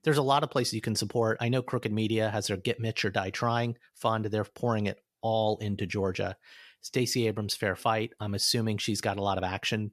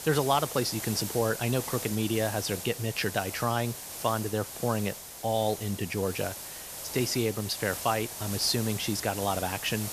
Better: first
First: none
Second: hiss; loud; throughout; 7 dB below the speech

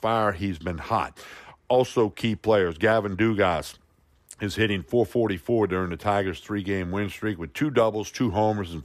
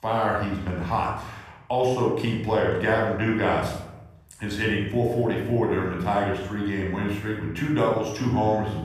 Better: first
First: none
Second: off-mic speech; somewhat distant // room echo; noticeable; dies away in 0.8 s

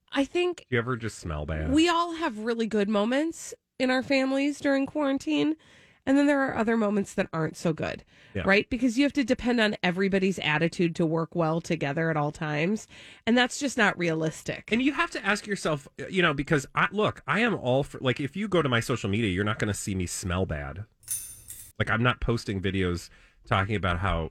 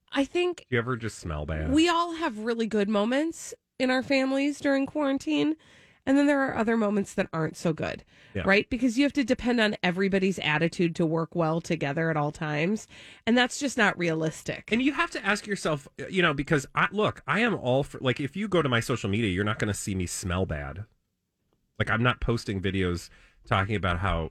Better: second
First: jangling keys; noticeable; at 21 s; peak 6 dB below the speech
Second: none

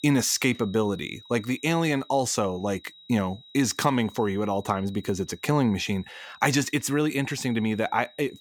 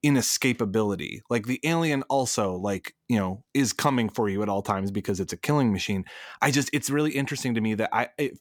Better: second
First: high-pitched whine; faint; throughout; 4 kHz, 25 dB below the speech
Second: none

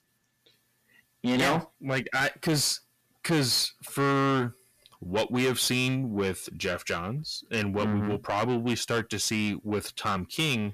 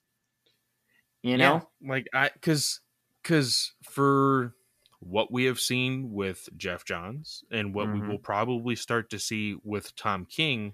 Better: second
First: distortion; heavy; 6 dB below the speech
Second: none

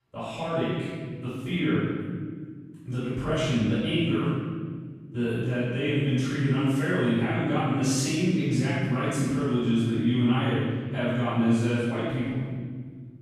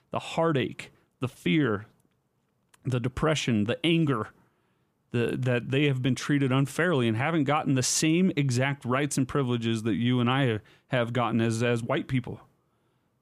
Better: second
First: off-mic speech; far // room echo; strong; dies away in 1.8 s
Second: none

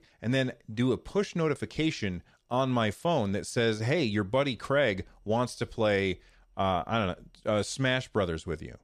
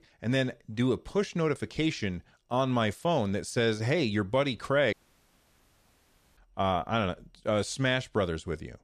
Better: first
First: none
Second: audio cutting out; at 5 s for 1.5 s

